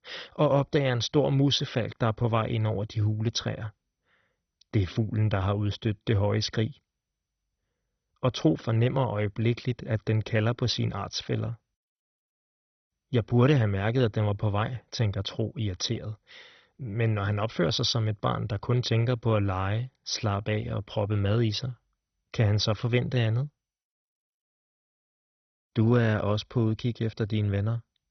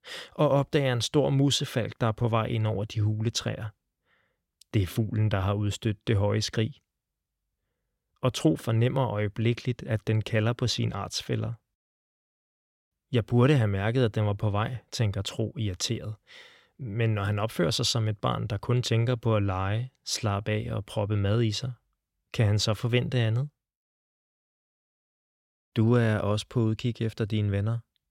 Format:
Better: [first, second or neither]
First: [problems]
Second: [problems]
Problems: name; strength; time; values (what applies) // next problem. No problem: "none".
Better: second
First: garbled, watery; badly; nothing above 6 kHz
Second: none